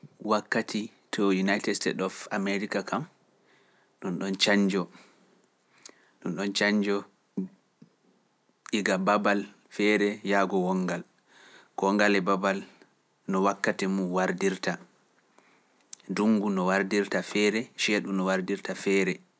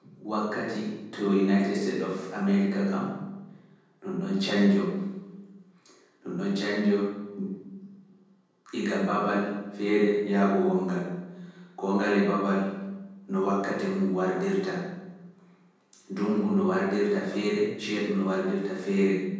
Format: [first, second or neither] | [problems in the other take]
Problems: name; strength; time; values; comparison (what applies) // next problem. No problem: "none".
first | room echo; dies away in 1.3 s